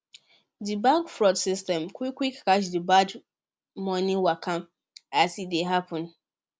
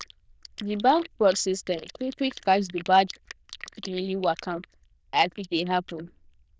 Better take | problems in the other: first | noise reduction (neural diffusion model UNIVERSE++)

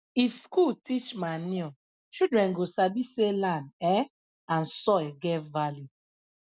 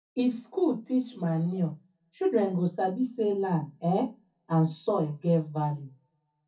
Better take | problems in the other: first | room echo; dies away in 0.3 s

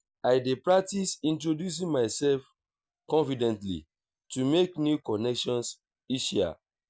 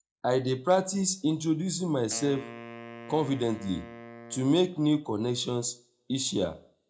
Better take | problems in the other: first | background sound (Wind instrument, woodwind instrument); 17 dB below the speech // room echo; dies away in 0.2 s

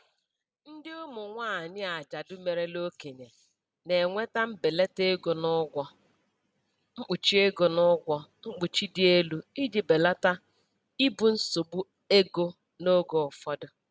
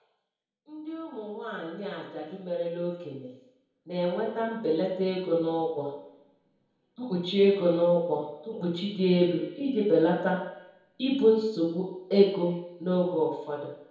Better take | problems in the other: first | room echo; dies away in 1.9 s

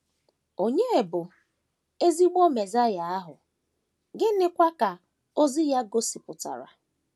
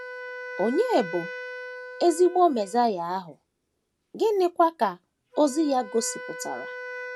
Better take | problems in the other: first | background sound (Wind instrument, woodwind instrument); 14 dB below the speech

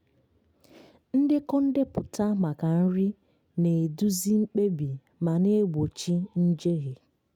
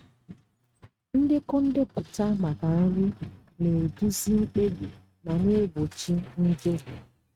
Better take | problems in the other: first | noise reduction (neural mask model RNNoise)

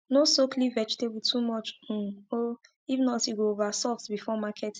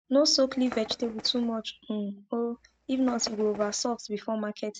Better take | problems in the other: first | noise reduction (neural mask model RNNoise)

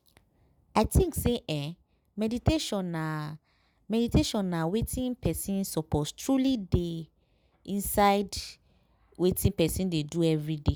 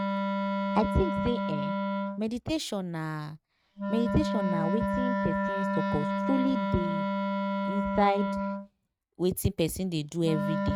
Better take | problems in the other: first | noise reduction (neural mask model RNNoise)

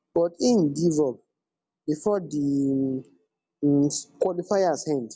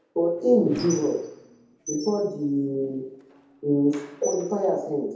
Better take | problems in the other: first | background sound (Squeak); 18 dB below the speech // room echo; dies away in 0.7 s

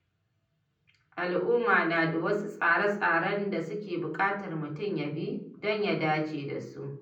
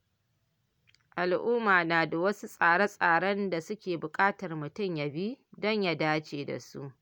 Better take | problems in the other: second | room echo; dies away in 0.6 s

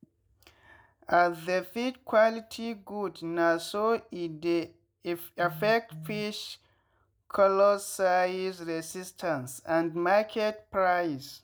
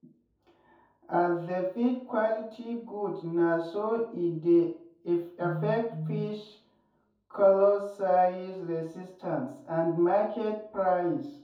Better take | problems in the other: first | room echo; dies away in 0.6 s

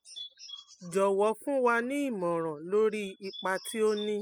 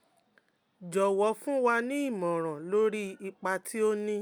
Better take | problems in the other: second | noise reduction (classical method spectral subtraction)

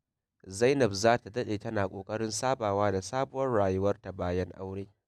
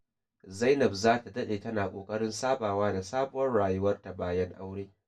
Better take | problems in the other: first | room echo; dies away in 0.1 s

